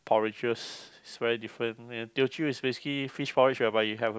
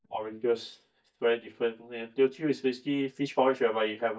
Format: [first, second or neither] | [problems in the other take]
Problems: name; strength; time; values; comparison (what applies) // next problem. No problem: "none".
first | noise reduction (neural mask model DeepFilterNet 3)